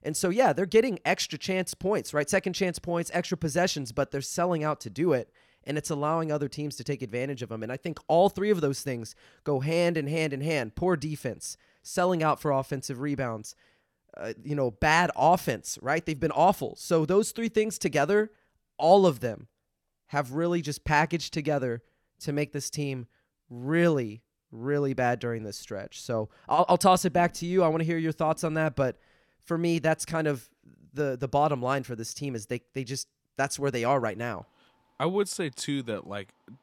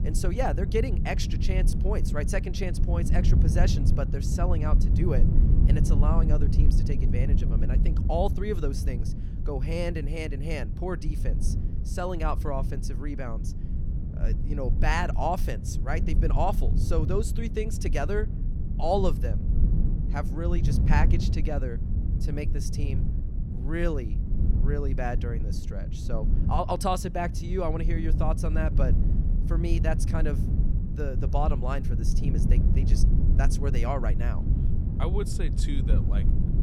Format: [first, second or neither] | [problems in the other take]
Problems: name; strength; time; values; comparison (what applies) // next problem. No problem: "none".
first | low rumble; loud; throughout; 8 dB below the speech